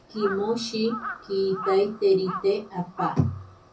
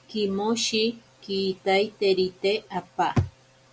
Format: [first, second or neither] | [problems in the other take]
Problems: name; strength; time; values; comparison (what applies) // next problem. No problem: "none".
second | background sound (Crow); 12 dB below the speech // room echo; dies away in 0.3 s